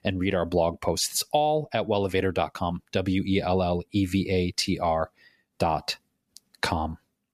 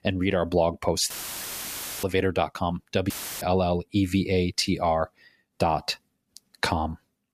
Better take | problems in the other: first | audio cutting out; filled with static; at 1 s for 1 s and at 3 s

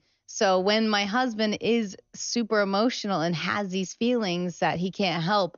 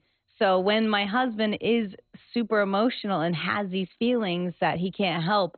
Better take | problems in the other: first | garbled, watery; badly; nothing above 4 kHz; slightly in the first

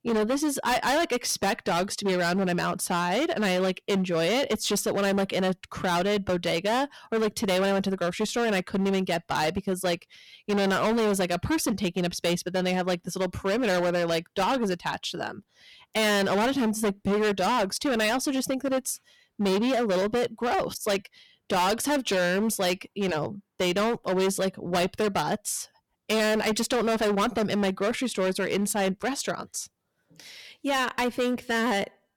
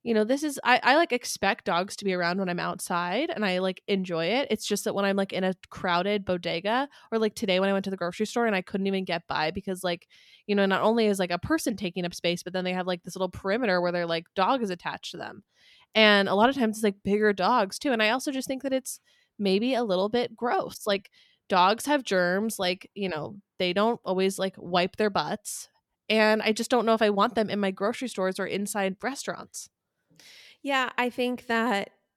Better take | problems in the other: second | distortion; heavy; 20% of the sound clipped

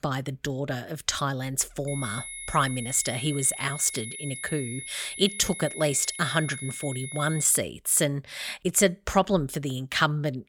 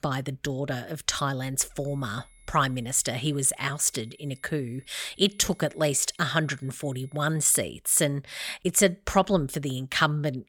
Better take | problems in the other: second | high-pitched whine; loud; from 2 to 7.5 s; 2 kHz, 9 dB below the speech; faint in the second

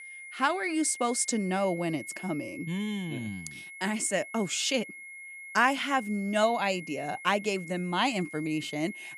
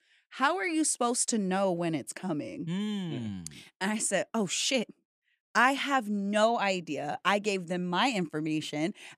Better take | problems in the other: second | high-pitched whine; noticeable; throughout; 2 kHz, 15 dB below the speech

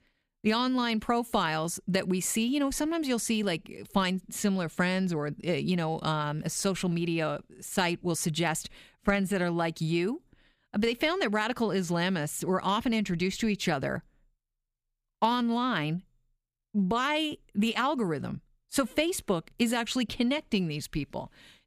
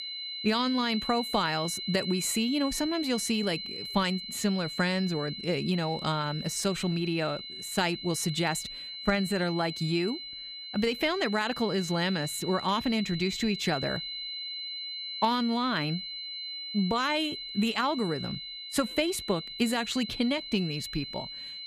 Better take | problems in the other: first | high-pitched whine; loud; throughout; 4 kHz, 7 dB below the speech

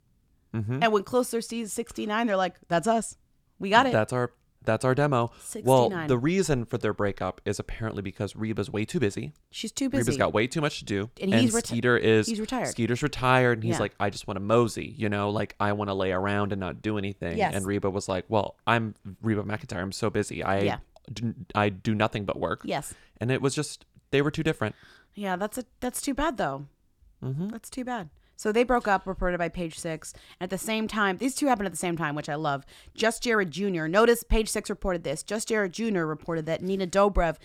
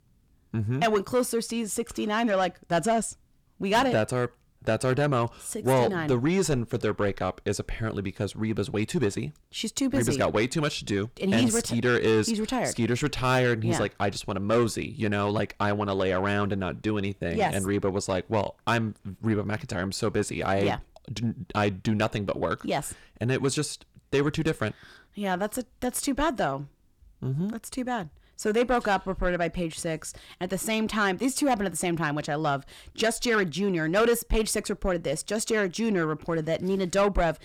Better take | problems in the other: first | distortion; slight; 10 dB below the speech

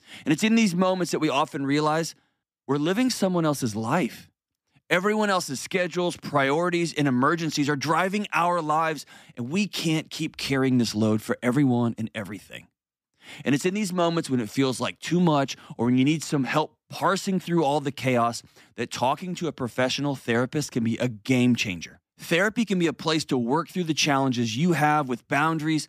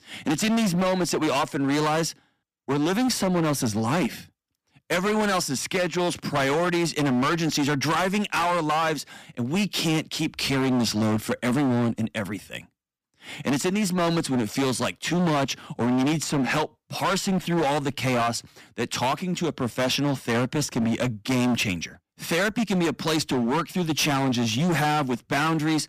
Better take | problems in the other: first | distortion; heavy; 24% of the sound clipped

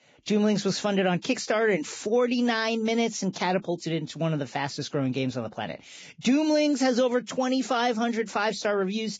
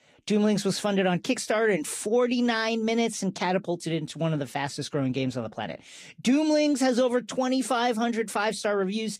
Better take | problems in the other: second | garbled, watery; badly; nothing above 7.5 kHz; slightly in the second

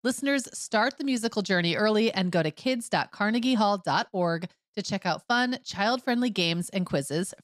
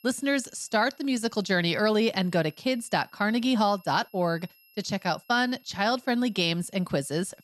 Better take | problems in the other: first | high-pitched whine; faint; throughout; 2.5 kHz, 30 dB below the speech

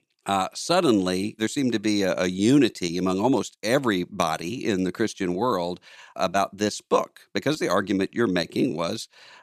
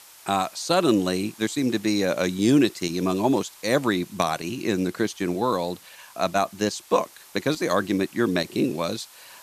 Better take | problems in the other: first | hiss; faint; throughout; 20 dB below the speech

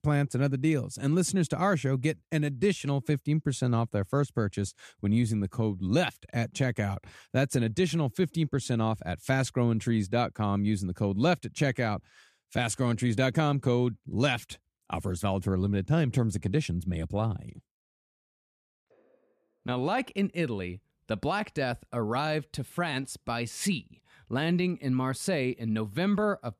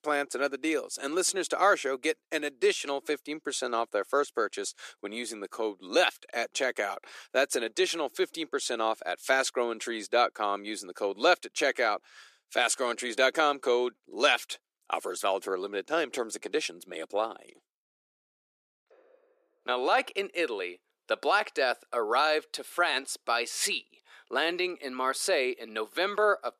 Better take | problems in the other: first | thin; very; fading below 350 Hz

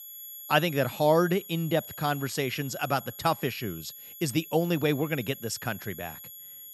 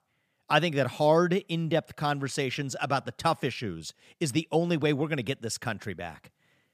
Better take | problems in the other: second | high-pitched whine; noticeable; throughout; 11.5 kHz, 15 dB below the speech

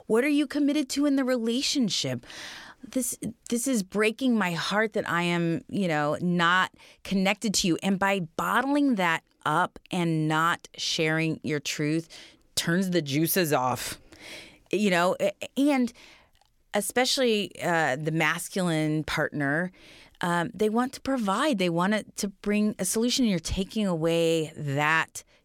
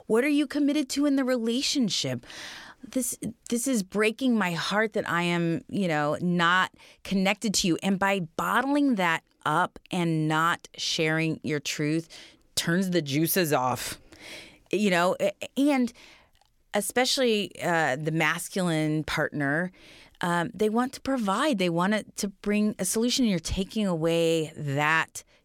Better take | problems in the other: neither | none

